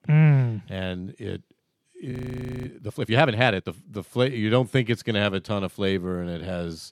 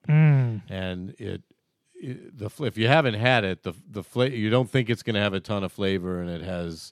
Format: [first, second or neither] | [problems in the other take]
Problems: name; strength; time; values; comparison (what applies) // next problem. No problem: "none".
second | audio freezing; at 2 s for 0.5 s